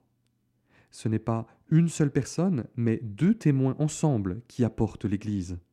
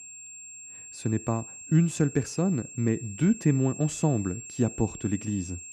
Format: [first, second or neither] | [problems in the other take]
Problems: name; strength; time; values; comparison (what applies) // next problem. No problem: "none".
first | high-pitched whine; noticeable; throughout; 7.5 kHz, 15 dB below the speech